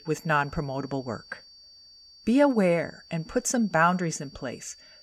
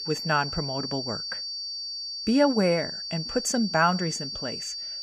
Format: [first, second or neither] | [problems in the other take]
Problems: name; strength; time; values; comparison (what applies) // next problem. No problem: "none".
first | high-pitched whine; loud; throughout; 4.5 kHz, 5 dB below the speech; faint in the first